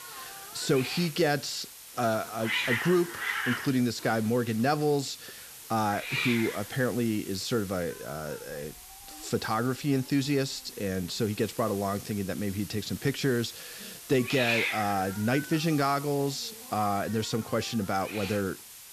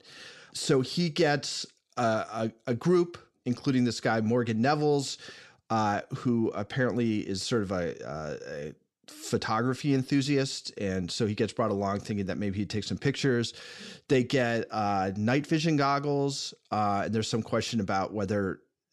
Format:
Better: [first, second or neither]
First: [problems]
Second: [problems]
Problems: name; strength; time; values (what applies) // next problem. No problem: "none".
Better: second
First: hiss; loud; throughout; 7 dB below the speech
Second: none